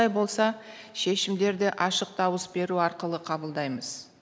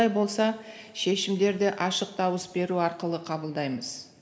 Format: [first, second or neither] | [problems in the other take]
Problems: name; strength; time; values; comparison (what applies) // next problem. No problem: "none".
first | room echo; dies away in 1.6 s